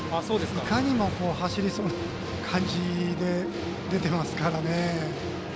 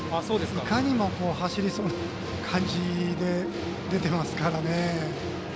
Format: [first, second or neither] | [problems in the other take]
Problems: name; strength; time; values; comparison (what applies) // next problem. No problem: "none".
second | background sound (Crushing); 19 dB below the speech